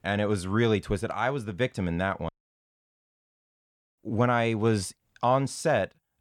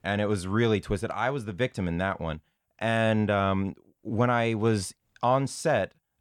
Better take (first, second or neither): second